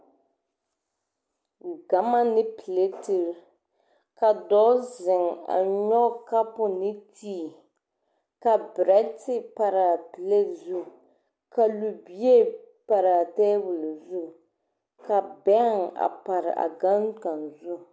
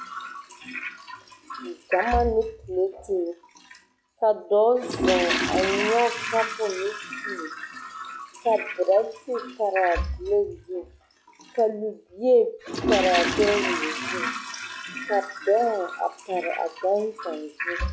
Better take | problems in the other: first | noise reduction (classical method log-MMSE)

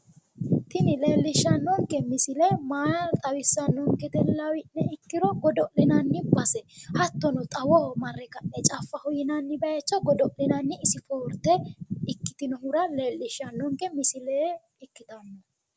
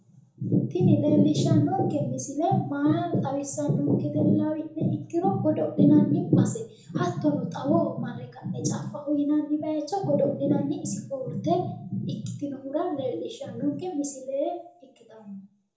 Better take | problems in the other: first | room echo; dies away in 1 s

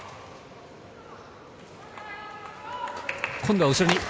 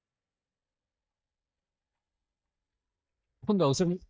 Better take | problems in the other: first | noise reduction (neural mask model DeepFilterNet 3)

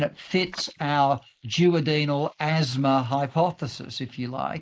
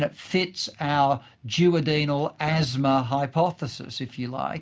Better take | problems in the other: second | noise reduction (neural mask model Resemble Enhance denoiser)

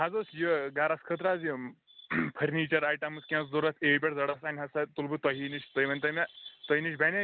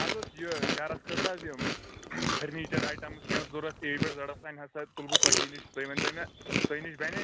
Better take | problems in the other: first | background sound (Chewing, mastication); 5 dB above the speech

